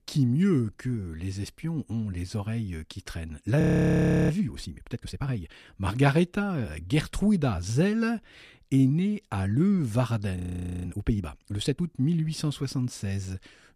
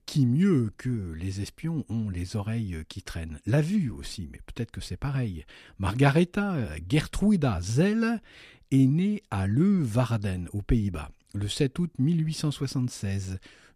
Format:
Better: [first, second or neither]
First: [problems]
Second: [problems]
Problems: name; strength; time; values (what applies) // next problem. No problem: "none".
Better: second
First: audio freezing; at 3.5 s for 0.5 s and at 10 s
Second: none